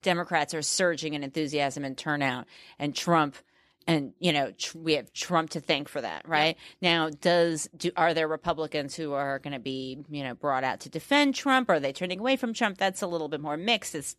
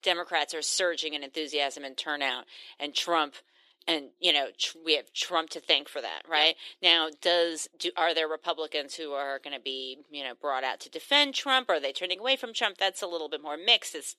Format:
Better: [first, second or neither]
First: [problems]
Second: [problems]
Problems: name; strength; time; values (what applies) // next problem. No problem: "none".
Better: first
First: none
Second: thin; somewhat; fading below 400 Hz